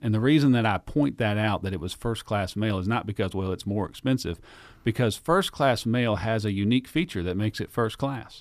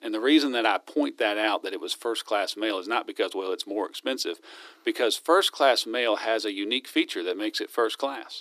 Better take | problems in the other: first | thin; somewhat; fading below 300 Hz

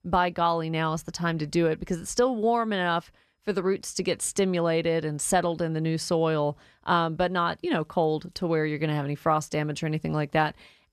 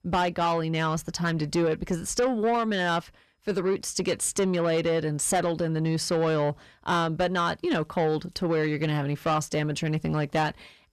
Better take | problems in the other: first | distortion; slight; 10 dB below the speech

